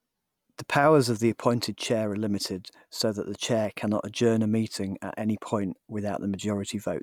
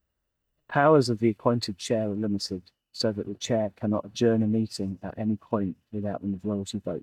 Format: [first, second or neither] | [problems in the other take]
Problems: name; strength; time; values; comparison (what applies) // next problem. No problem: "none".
first | noise reduction (neural mask model DeepFilterNet 3)